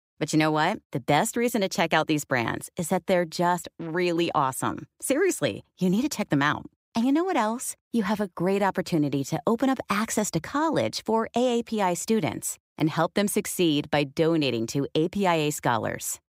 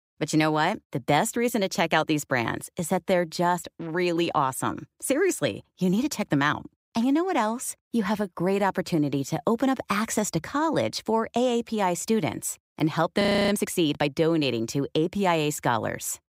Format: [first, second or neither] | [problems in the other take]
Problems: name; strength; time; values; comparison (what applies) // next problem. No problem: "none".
first | audio freezing; at 13 s